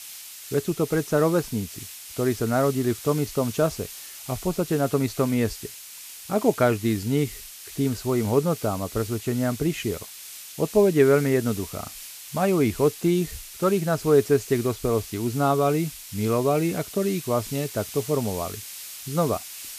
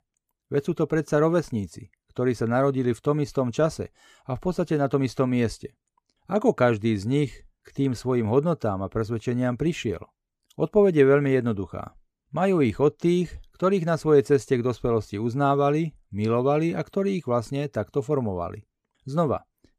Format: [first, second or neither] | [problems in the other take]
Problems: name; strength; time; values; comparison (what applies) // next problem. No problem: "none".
second | hiss; noticeable; throughout; 15 dB below the speech